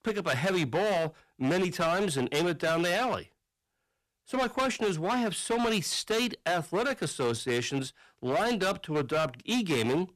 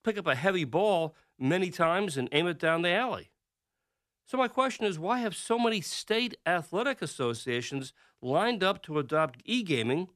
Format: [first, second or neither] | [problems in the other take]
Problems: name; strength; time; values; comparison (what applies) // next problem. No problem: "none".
second | distortion; heavy; 15% of the sound clipped